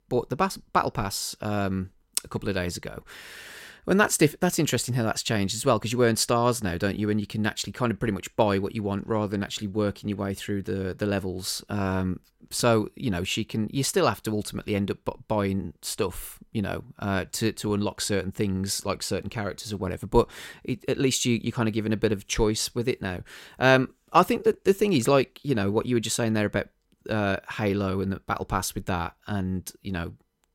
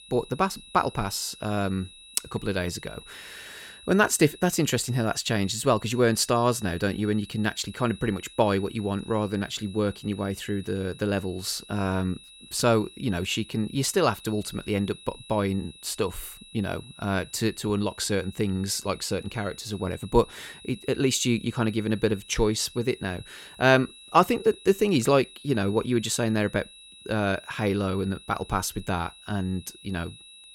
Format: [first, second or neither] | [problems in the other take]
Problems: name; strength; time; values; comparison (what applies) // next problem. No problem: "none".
first | high-pitched whine; noticeable; throughout; 4 kHz, 20 dB below the speech